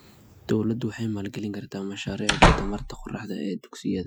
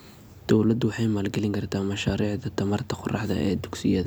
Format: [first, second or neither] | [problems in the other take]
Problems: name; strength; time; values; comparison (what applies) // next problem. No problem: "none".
second | noise reduction (classical method Wiener filter)